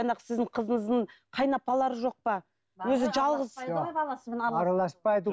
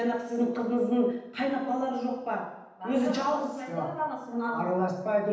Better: first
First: none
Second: room echo; dies away in 0.9 s

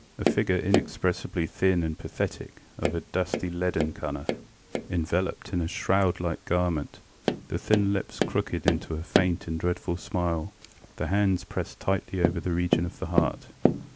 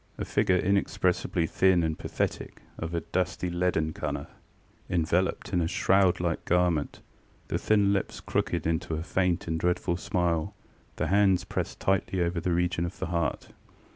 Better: second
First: background sound (Tap); 4 dB below the speech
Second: none

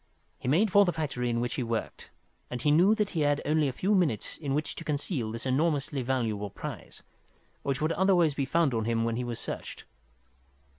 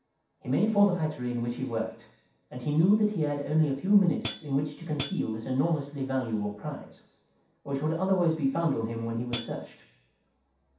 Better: first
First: none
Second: background sound (Hi-hat); 10 dB below the speech // room echo; dies away in 0.7 s

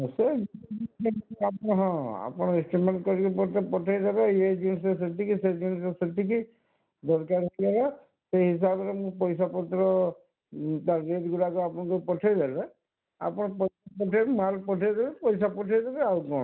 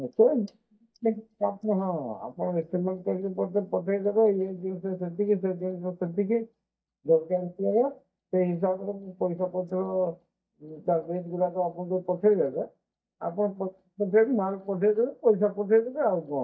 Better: first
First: none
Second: noise reduction (neural mask model DeepFilterNet 3)

